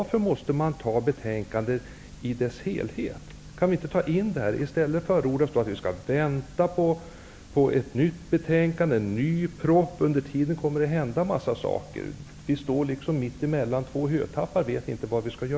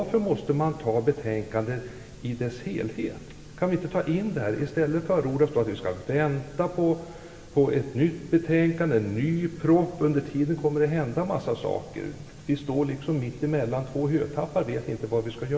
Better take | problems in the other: first | room echo; dies away in 1.6 s

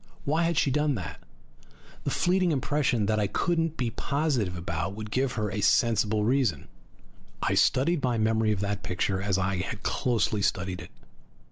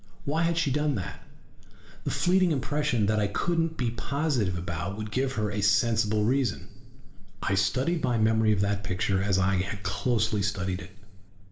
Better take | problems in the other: first | room echo; dies away in 1.3 s

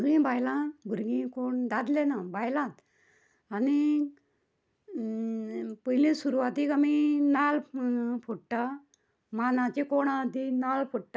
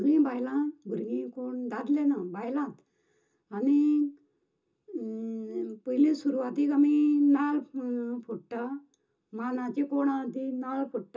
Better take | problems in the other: first | room echo; dies away in 0.2 s

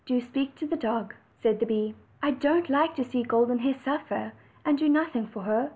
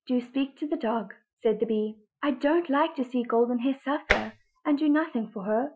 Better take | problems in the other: first | noise reduction (classical method Wiener filter)

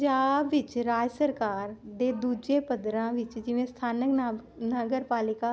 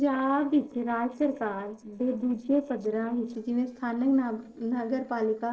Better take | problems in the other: first | noise reduction (neural separator model SepFormer DNS4)

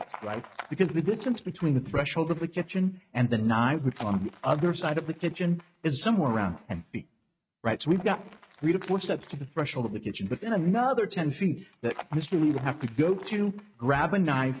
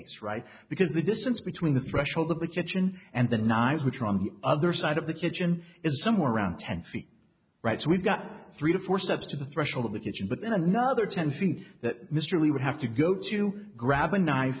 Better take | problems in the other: second | noise reduction (neural mask model RNNoise)

